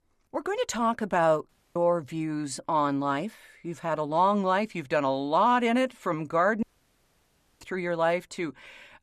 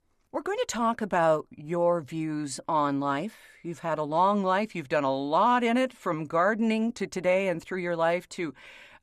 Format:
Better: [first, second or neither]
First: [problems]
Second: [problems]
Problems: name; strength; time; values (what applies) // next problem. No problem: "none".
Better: second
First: audio cutting out; at 1.5 s and at 6.5 s for 1 s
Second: none